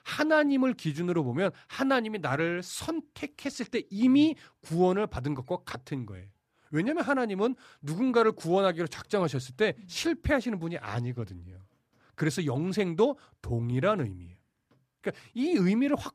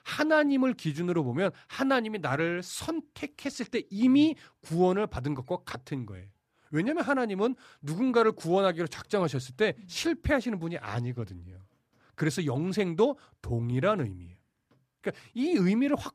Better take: neither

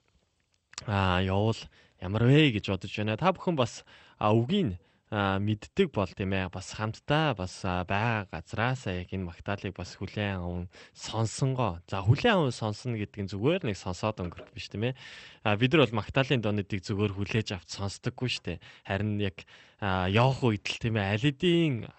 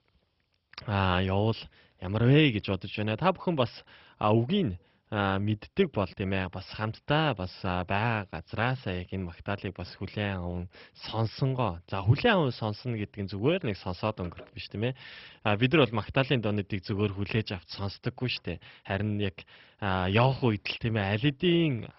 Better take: first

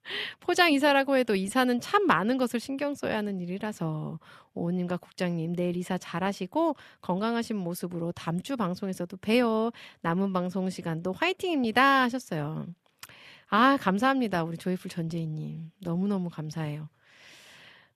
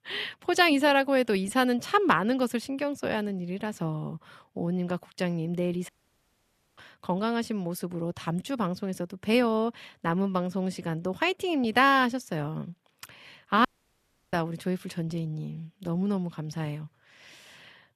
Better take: first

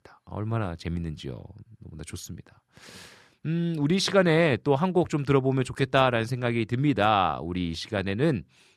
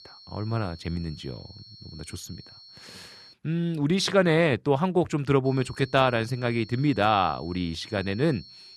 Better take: first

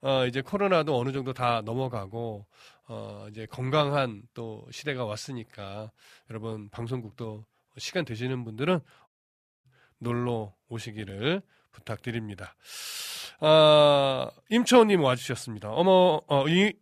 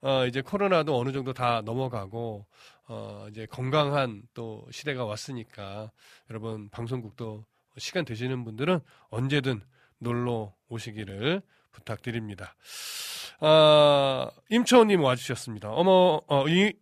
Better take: second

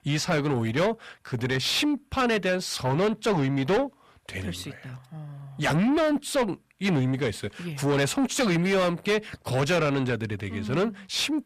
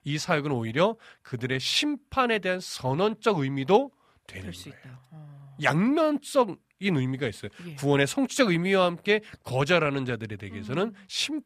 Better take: second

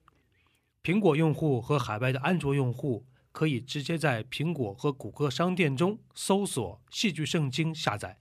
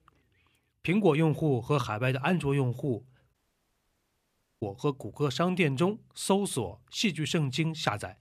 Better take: first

